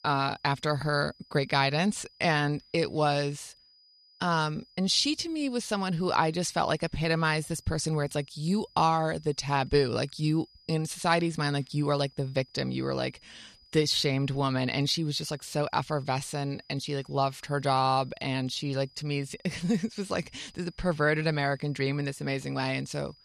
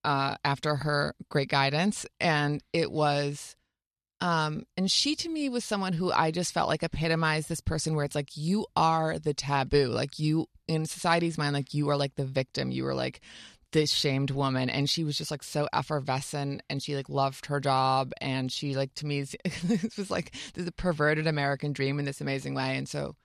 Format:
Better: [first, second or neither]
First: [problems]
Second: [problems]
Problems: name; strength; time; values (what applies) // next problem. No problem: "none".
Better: second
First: high-pitched whine; faint; throughout; 5 kHz, 30 dB below the speech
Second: none